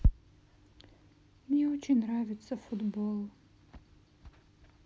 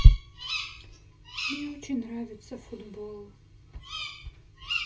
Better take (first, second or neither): first